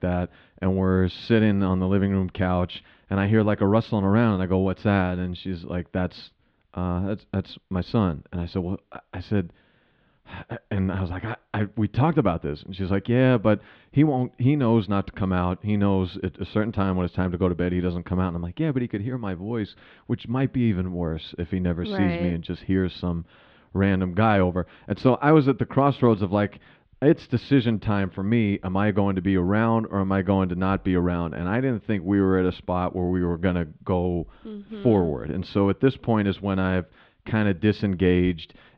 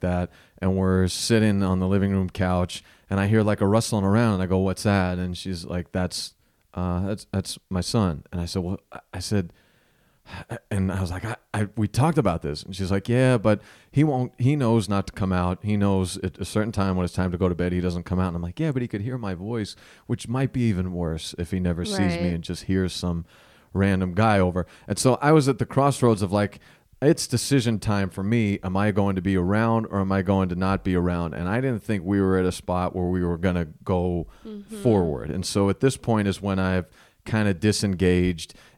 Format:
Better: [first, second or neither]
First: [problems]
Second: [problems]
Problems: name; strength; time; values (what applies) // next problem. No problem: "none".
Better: second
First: muffled; slightly; fading above 3.5 kHz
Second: none